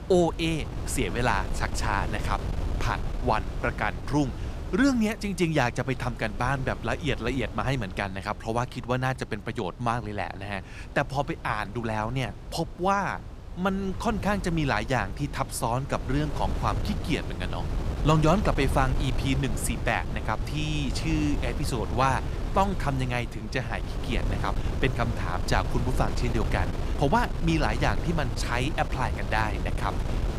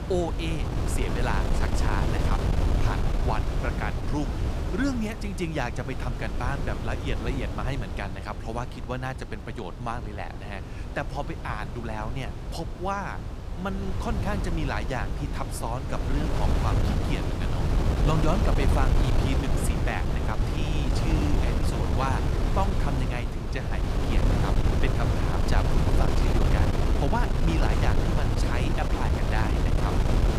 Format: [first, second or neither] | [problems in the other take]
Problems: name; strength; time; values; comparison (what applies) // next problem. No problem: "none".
first | wind noise on the microphone; heavy; 1 dB below the speech; occasional gusts in the first